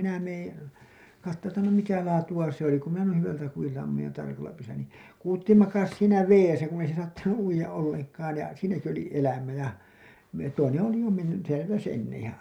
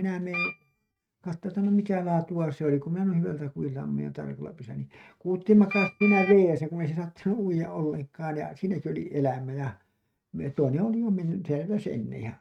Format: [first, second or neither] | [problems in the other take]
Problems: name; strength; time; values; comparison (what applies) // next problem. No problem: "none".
first | noise reduction (neural mask model RNNoise)